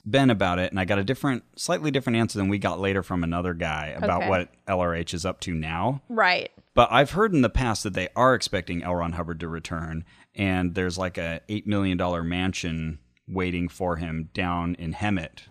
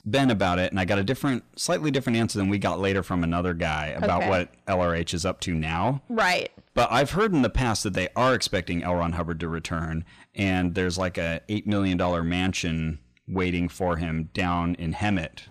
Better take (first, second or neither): first